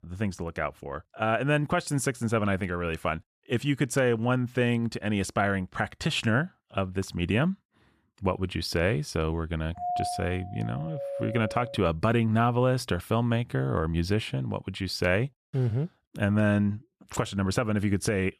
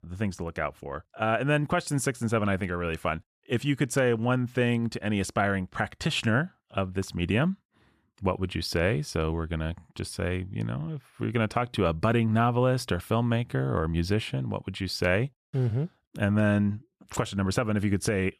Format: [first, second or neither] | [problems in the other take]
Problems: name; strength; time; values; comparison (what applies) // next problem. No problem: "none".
second | doorbell; noticeable; from 10 to 12 s; peak 3 dB below the speech